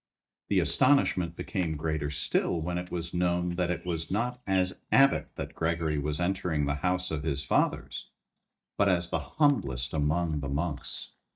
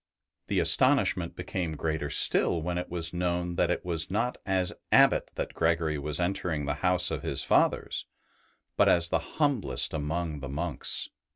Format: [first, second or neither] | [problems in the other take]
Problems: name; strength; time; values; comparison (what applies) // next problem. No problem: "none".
second | noise reduction (neural mask model DeepFilterNet 3)